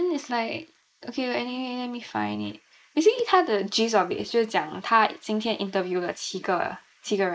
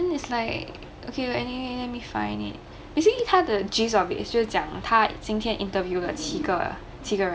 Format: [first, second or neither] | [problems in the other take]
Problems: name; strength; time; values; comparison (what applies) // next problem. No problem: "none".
second | noise reduction (neural mask model Resemble Enhance denoiser)